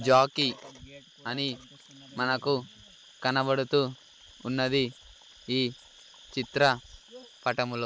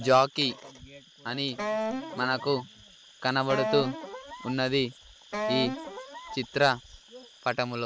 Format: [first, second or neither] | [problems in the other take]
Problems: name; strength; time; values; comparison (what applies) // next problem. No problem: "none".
first | background sound (Wind instrument, woodwind instrument); 5 dB below the speech